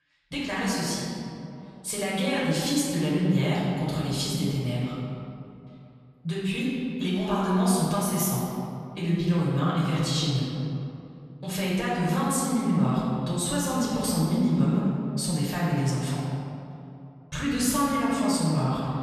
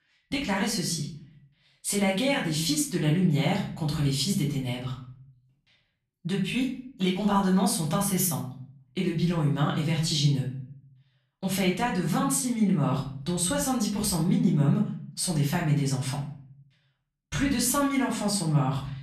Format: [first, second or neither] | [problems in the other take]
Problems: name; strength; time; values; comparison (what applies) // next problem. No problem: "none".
second | room echo; strong; dies away in 2.3 s; slight in the second // off-mic speech; far; far in the second